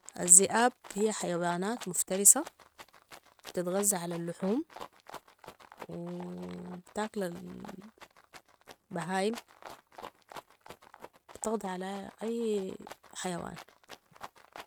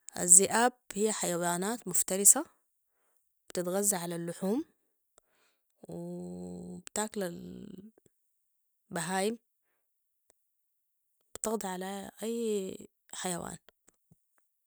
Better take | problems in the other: second | noise reduction (neural mask model RNNoise)

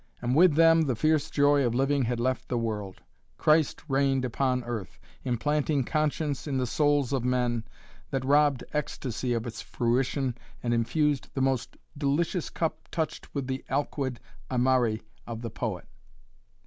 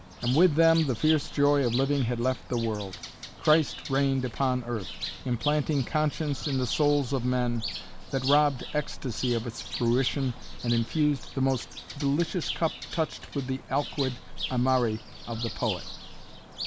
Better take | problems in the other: first | background sound (Bird); 12 dB below the speech

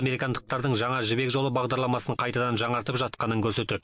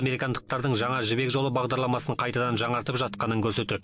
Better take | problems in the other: first | background sound (Guitar); 18 dB below the speech

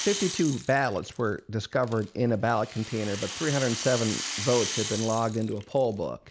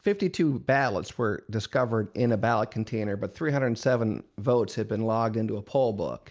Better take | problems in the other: second | background sound (Rattle); 9 dB below the speech

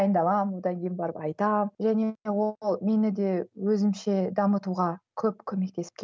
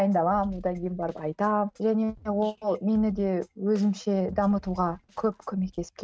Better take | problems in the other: first | noise reduction (neural mask model RNNoise)

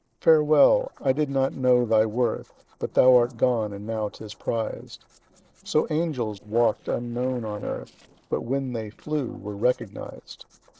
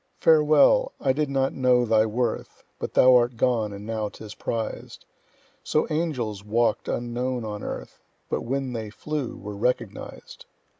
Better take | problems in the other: second | noise reduction (neural separator model SepFormer DNS4)

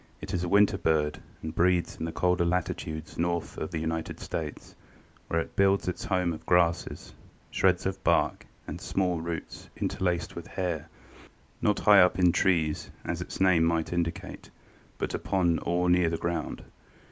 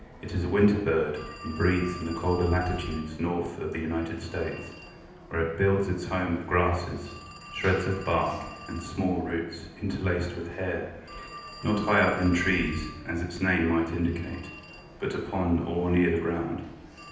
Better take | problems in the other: first | background sound (Telephone); 17 dB below the speech // room echo; dies away in 0.9 s

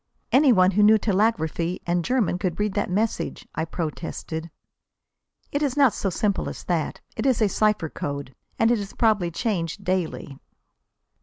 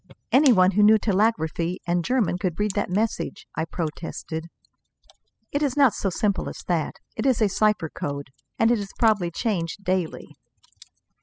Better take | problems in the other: first | noise reduction (classical method spectral subtraction)

